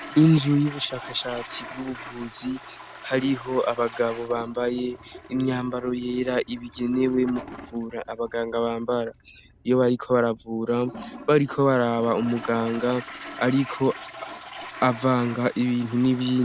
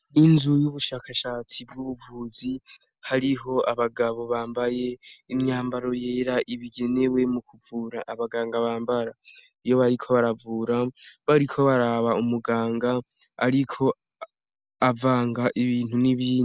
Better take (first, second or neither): second